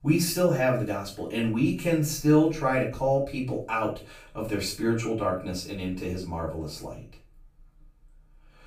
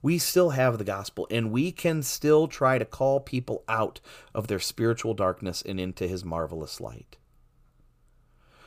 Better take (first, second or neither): second